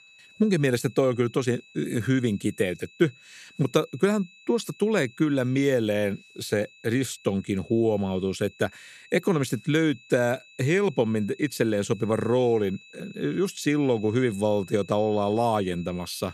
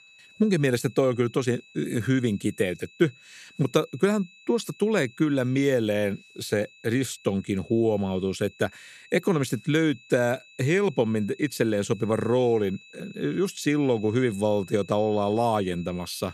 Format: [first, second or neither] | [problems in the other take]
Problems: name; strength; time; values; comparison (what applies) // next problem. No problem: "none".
neither | high-pitched whine; faint; throughout; 2.5 kHz, 25 dB below the speech; the same in both